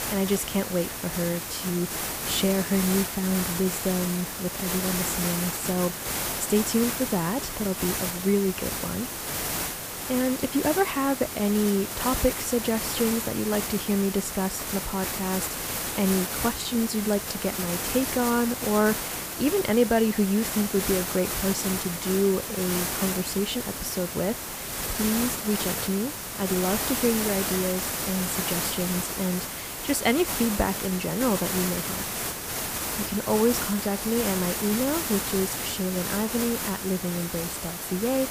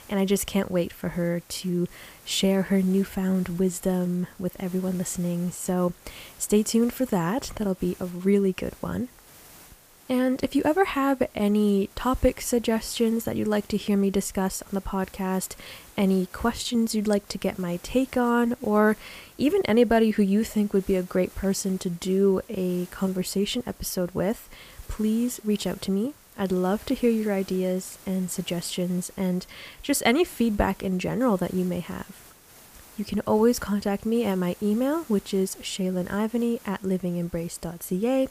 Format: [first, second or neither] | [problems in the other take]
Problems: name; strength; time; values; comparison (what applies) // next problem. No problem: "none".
second | hiss; loud; throughout; 2 dB below the speech; faint in the second